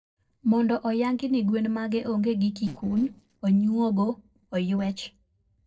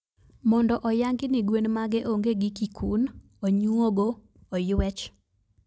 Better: second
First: noise reduction (neural separator model SepFormer DNS4)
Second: none

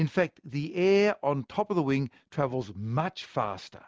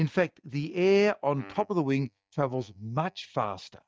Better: first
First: none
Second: noise reduction (neural mask model DeepFilterNet 3)

